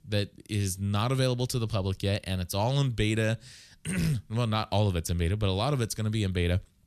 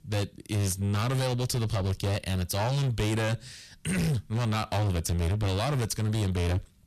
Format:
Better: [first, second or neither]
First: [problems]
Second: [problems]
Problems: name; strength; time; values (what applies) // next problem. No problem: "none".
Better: first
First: none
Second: distortion; heavy; 23% of the sound clipped